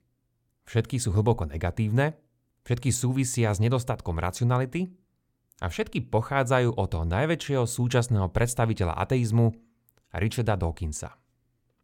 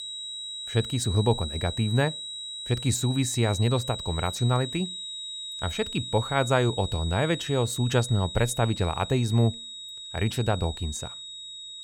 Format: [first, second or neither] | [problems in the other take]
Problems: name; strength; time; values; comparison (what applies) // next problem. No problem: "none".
first | high-pitched whine; loud; throughout; 4 kHz, 8 dB below the speech